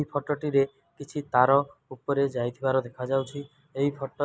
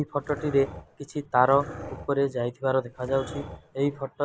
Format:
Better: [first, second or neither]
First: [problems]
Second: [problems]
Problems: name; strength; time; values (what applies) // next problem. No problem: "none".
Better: first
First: none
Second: background sound (Dog); 14 dB below the speech